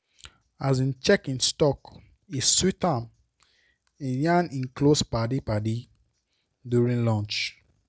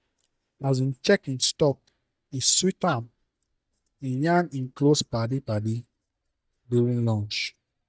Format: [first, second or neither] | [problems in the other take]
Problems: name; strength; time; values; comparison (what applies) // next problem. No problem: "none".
first | noise reduction (neural mask model DeepFilterNet 3)